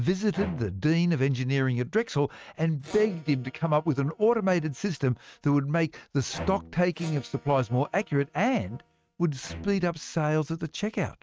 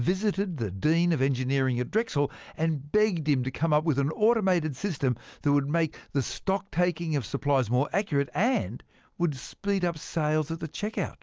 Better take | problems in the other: second | noise reduction (neural mask model RNNoise)

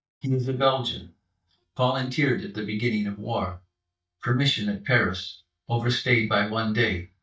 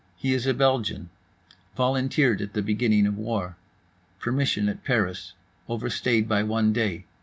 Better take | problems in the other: second | noise reduction (neural mask model DeepFilterNet 3)

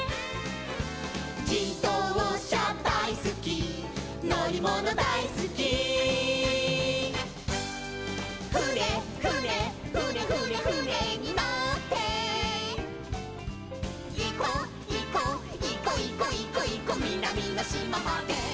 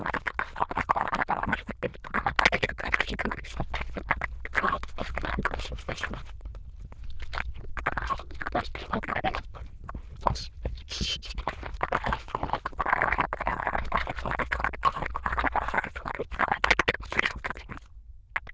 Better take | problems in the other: first | noise reduction (neural diffusion model UNIVERSE++)

